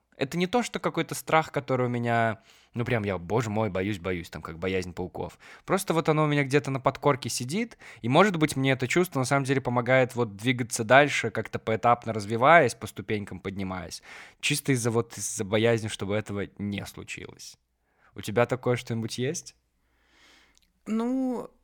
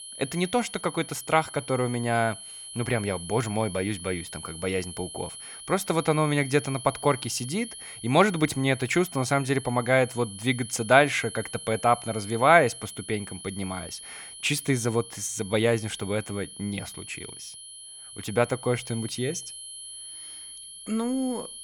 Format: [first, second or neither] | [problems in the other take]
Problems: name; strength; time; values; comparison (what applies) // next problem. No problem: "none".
first | high-pitched whine; noticeable; throughout; 10.5 kHz, 15 dB below the speech